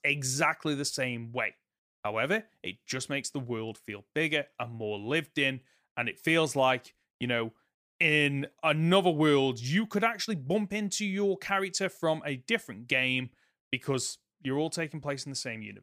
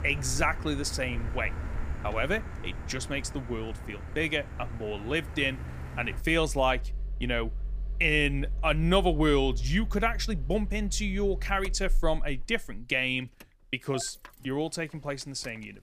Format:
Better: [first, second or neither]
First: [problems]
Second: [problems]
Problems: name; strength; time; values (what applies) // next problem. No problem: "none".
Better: first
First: none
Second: traffic noise; loud; throughout; 8 dB below the speech